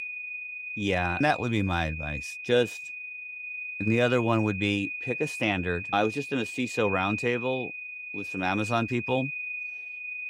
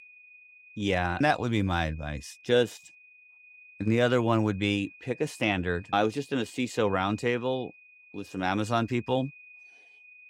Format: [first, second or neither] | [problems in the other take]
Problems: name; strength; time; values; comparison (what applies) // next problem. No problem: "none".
second | high-pitched whine; loud; throughout; 2.5 kHz, 6 dB below the speech; faint in the second